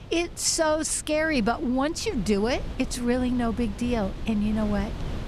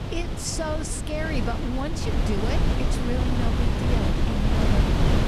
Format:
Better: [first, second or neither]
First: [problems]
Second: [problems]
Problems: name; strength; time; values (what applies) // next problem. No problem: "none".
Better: first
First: wind noise on the microphone; occasional gusts; 15 dB below the speech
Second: wind noise on the microphone; heavy; 1 dB above the speech